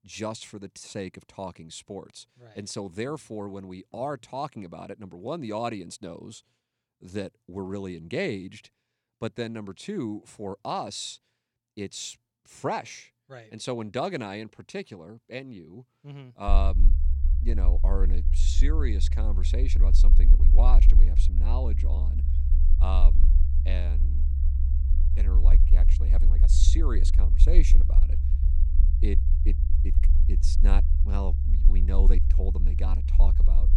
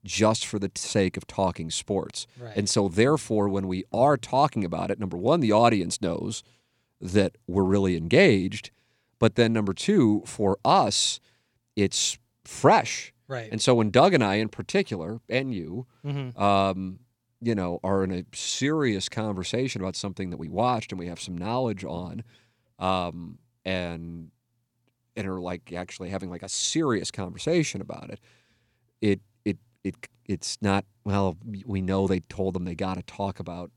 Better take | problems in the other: second | low rumble; loud; from 16 s on; 10 dB below the speech

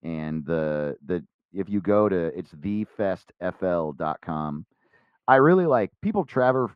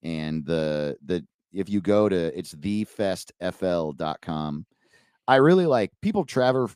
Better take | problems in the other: second | muffled; very; fading above 4 kHz

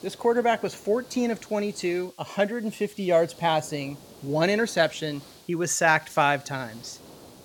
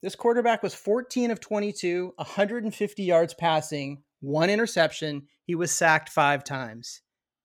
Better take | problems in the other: second | hiss; faint; throughout; 25 dB below the speech

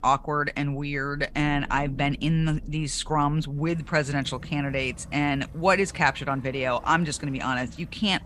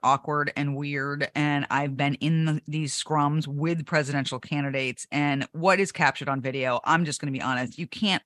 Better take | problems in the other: second | rain or running water; noticeable; throughout; 20 dB below the speech

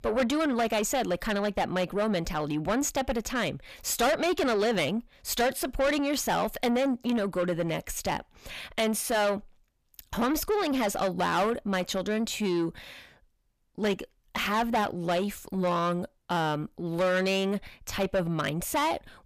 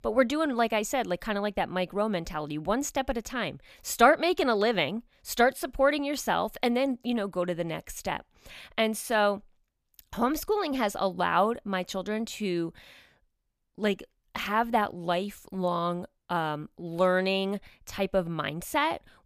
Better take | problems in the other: second | distortion; heavy; 7 dB below the speech

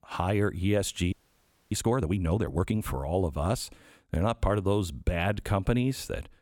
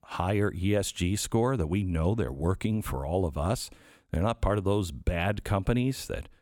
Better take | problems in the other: second | audio freezing; at 1 s for 0.5 s

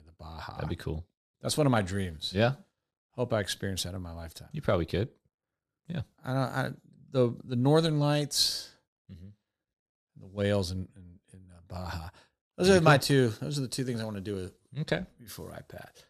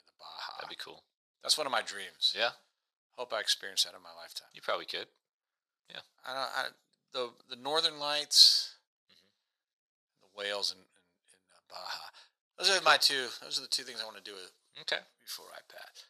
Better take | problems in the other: first | thin; very; fading below 900 Hz

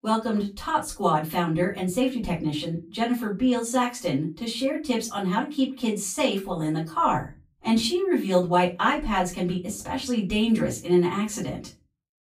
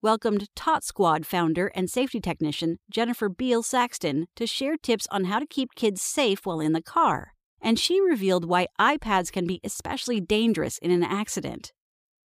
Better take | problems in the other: second | off-mic speech; far // room echo; very slight; dies away in 0.3 s

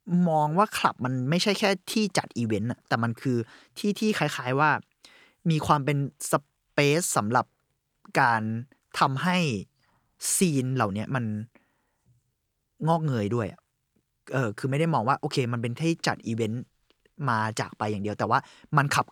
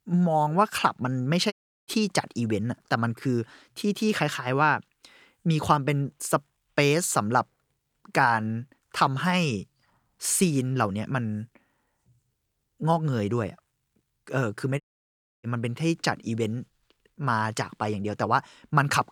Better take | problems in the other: first | audio cutting out; at 1.5 s and at 15 s for 0.5 s

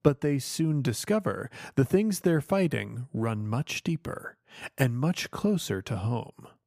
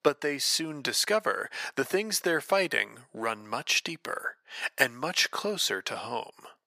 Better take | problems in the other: first | thin; very; fading below 550 Hz

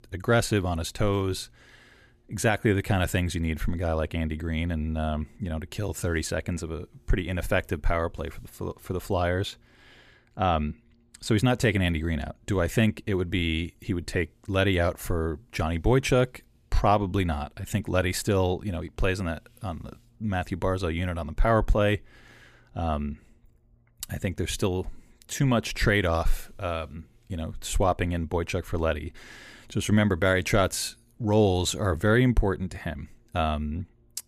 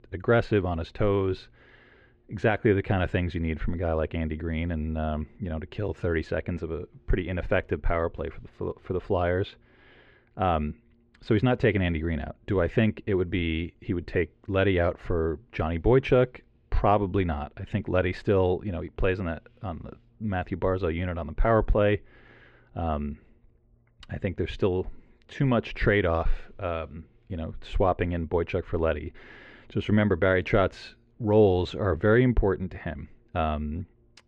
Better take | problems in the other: first | muffled; very; fading above 3 kHz

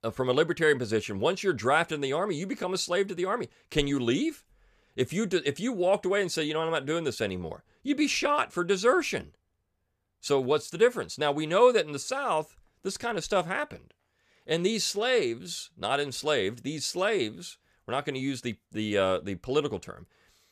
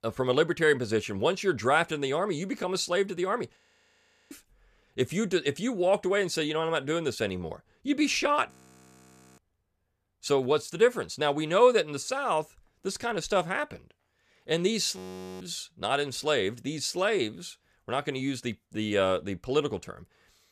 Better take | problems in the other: first | audio freezing; at 3.5 s for 0.5 s, at 8.5 s for 1 s and at 15 s

